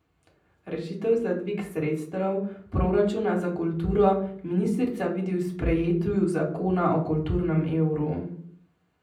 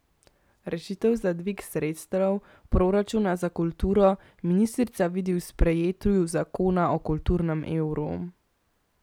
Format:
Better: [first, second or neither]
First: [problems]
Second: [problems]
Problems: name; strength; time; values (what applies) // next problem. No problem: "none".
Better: second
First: room echo; dies away in 0.6 s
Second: none